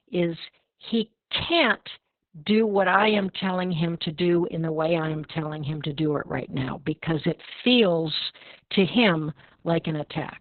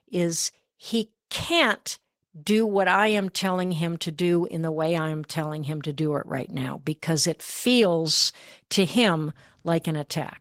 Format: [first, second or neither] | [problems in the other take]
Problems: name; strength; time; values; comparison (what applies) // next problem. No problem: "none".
second | garbled, watery; badly; nothing above 4 kHz; slightly in the second